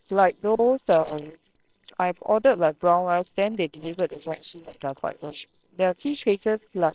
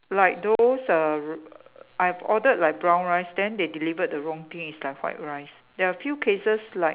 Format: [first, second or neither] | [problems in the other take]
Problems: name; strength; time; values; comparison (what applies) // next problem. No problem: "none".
second | noise reduction (neural separator model SepFormer WHAMR!)